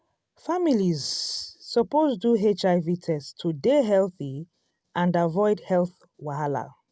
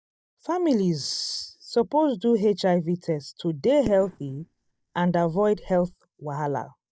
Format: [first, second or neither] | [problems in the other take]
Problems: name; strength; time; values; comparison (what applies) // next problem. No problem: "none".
first | noise reduction (neural mask model DeepFilterNet 3)